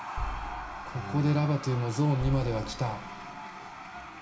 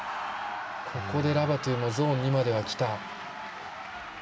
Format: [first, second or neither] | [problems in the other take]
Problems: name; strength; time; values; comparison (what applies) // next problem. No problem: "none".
second | background sound (Boom); 11 dB below the speech // room echo; dies away in 0.4 s